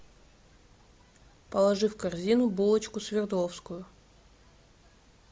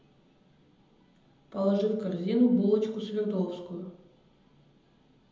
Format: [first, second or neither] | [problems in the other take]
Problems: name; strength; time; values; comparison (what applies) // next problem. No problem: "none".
first | room echo; dies away in 0.8 s